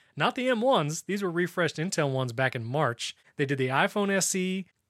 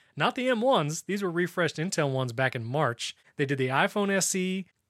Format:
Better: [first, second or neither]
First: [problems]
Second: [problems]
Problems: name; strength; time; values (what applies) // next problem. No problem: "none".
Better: neither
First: none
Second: none